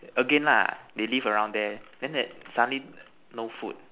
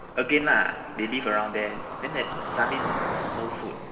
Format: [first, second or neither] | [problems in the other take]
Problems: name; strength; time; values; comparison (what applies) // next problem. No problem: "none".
first | background sound (Cricket); 5 dB below the speech // room echo; dies away in 2.3 s